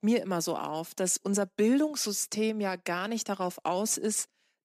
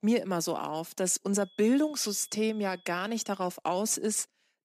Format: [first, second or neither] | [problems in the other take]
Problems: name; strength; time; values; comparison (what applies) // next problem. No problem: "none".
first | high-pitched whine; faint; from 1.5 to 3.5 s; 3.5 kHz, 30 dB below the speech